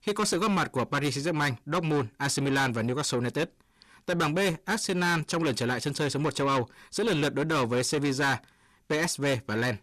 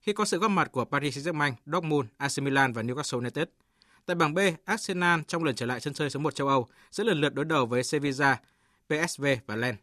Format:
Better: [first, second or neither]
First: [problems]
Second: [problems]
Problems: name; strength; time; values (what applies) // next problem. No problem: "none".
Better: second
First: distortion; heavy; 7 dB below the speech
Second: none